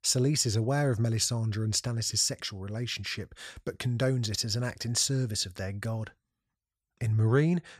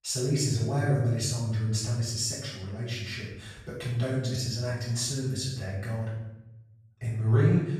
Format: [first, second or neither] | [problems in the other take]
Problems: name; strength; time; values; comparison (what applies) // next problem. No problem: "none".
first | off-mic speech; far // room echo; noticeable; dies away in 0.9 s